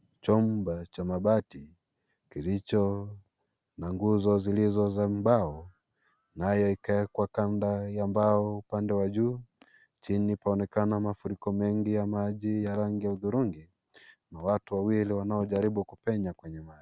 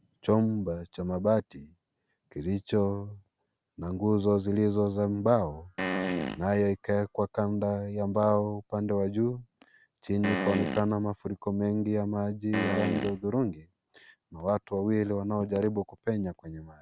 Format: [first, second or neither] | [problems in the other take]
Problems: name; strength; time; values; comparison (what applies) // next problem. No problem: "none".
first | background sound (Fart); 3 dB below the speech